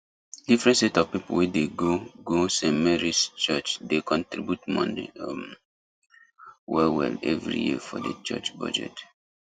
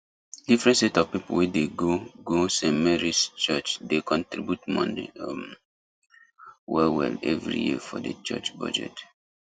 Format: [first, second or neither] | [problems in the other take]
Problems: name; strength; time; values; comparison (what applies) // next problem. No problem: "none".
second | background sound (Bowed string instrument); 17 dB below the speech